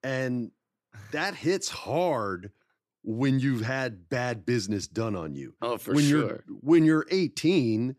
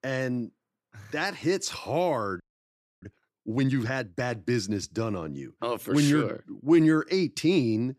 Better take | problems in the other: first | audio freezing; at 2.5 s for 0.5 s

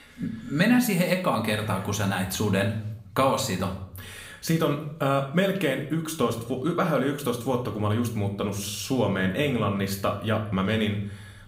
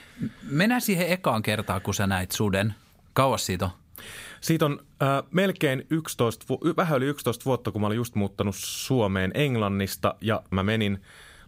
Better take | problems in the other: second | room echo; slight; dies away in 0.5 s // off-mic speech; somewhat distant

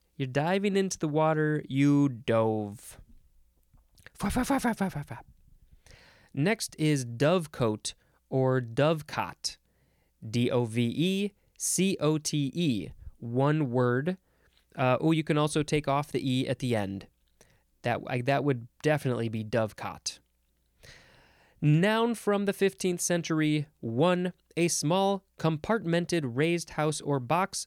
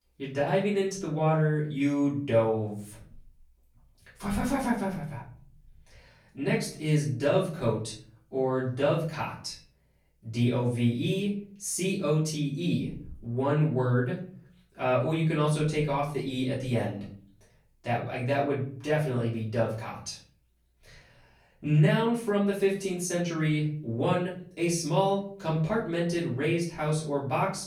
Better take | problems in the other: first | off-mic speech; far // room echo; slight; dies away in 0.4 s

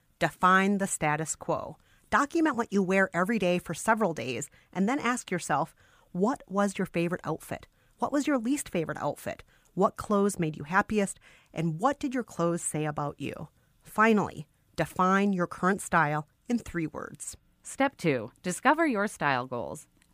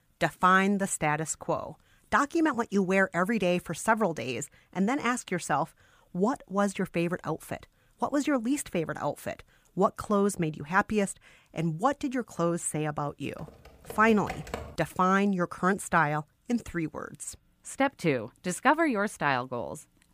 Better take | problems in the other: first | keyboard typing; noticeable; from 13 to 15 s; peak 10 dB below the speech

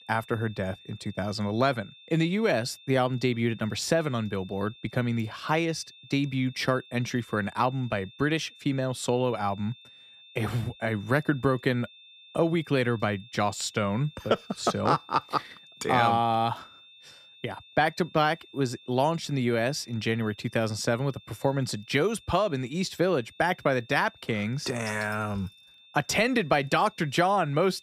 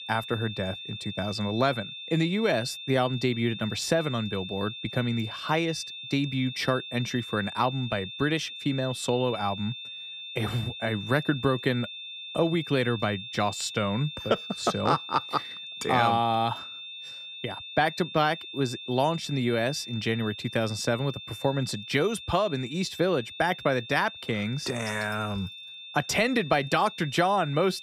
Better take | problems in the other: first | high-pitched whine; loud; throughout; 3.5 kHz, 10 dB below the speech; faint in the first

